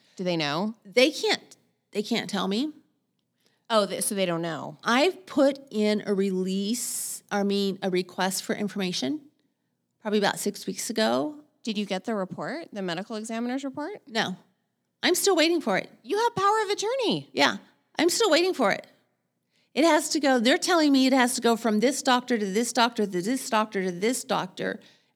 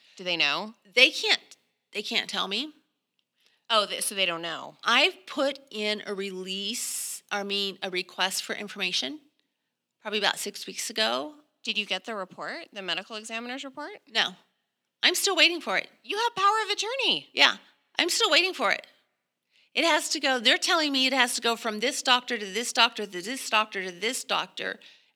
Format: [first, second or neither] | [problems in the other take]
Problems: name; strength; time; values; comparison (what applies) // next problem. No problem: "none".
first | thin; somewhat; fading below 1 kHz